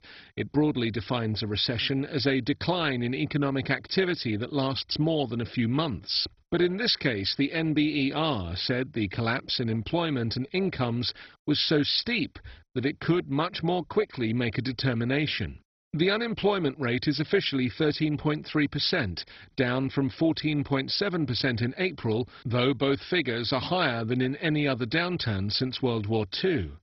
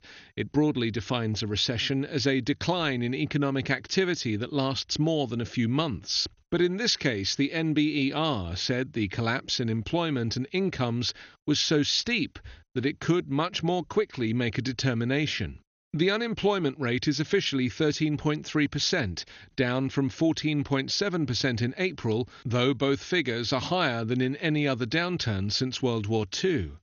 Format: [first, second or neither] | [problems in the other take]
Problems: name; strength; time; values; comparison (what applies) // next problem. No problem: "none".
second | garbled, watery; badly; nothing above 5.5 kHz; slightly in the second